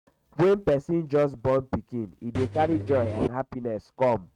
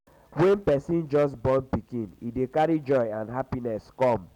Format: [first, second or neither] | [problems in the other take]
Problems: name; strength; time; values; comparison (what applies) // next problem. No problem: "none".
second | noise reduction (neural mask model RNNoise)